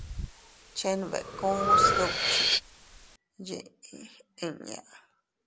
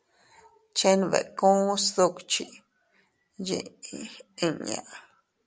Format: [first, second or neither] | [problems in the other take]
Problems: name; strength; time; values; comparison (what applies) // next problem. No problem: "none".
second | background sound (Breathing); 5 dB above the speech